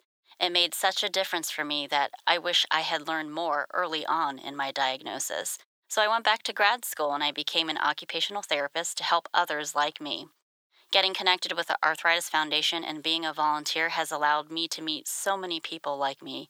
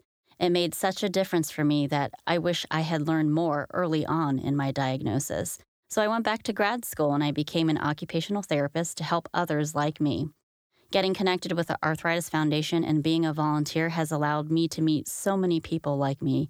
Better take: second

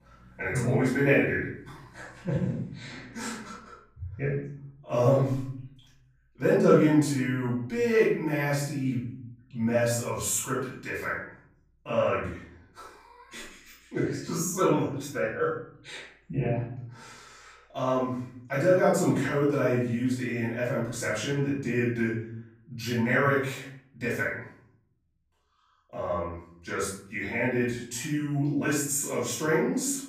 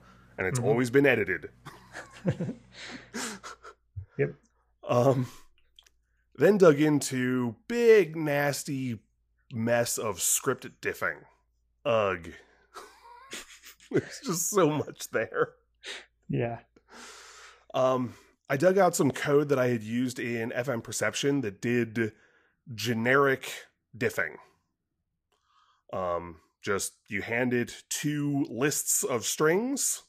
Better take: second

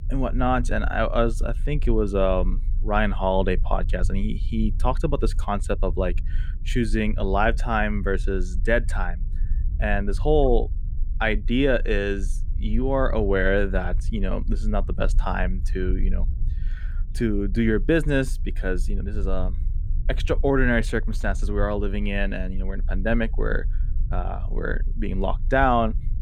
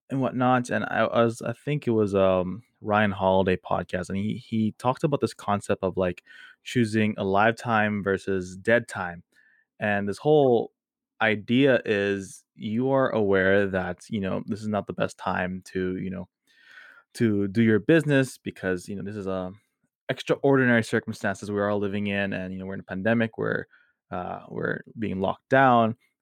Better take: second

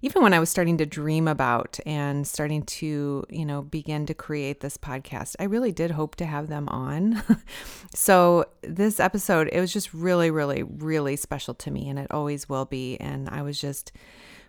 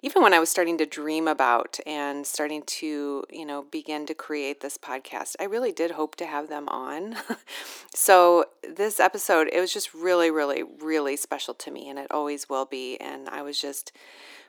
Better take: first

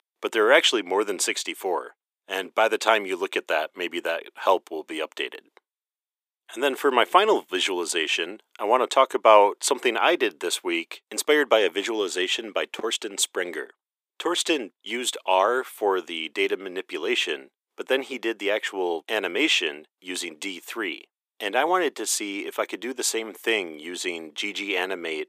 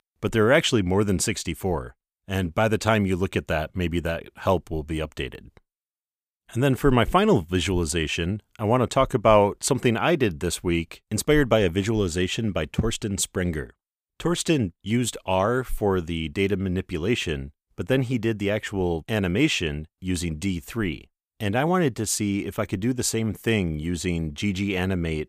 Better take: second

